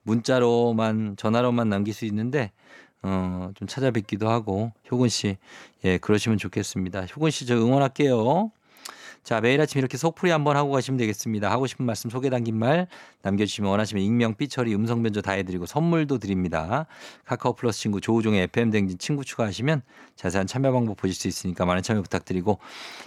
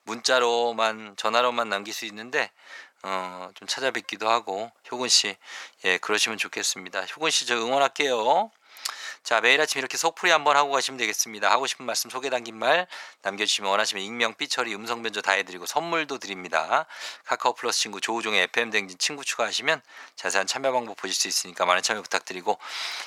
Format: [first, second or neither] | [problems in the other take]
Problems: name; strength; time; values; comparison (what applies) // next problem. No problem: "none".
first | thin; very; fading below 850 Hz